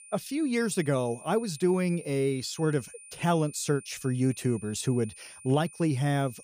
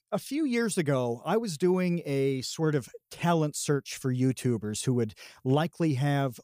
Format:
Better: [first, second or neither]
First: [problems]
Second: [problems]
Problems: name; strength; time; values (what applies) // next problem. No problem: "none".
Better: second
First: high-pitched whine; noticeable; throughout; 9 kHz, 20 dB below the speech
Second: none